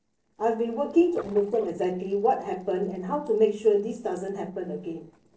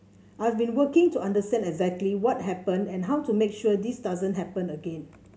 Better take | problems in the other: second | noise reduction (neural separator model SepFormer DNS4)

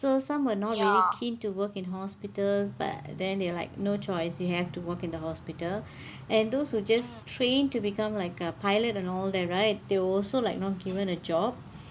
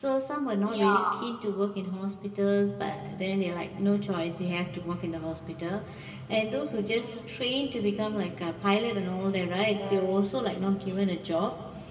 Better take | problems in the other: first | background sound (Wind instrument, woodwind instrument); 8 dB below the speech // room echo; dies away in 2 s

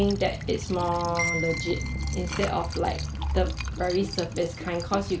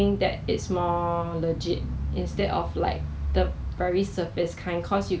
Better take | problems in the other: second | background sound (Marimba, xylophone + Liquid); 9 dB below the speech

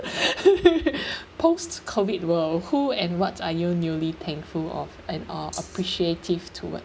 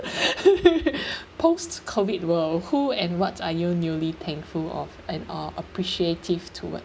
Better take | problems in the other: second | background sound (Rattle (instrument)); 15 dB below the speech

